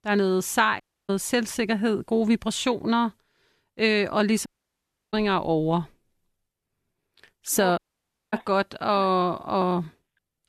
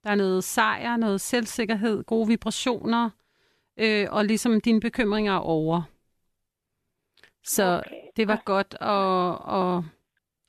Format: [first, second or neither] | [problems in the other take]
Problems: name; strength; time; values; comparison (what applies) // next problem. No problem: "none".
second | audio cutting out; at 1 s, at 4.5 s for 0.5 s and at 8 s for 0.5 s